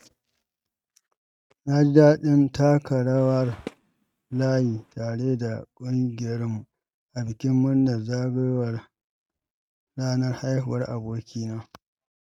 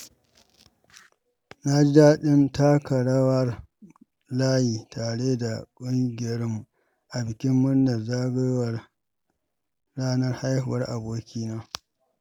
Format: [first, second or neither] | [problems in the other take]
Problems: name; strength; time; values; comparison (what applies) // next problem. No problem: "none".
second | noise reduction (neural mask model RNNoise)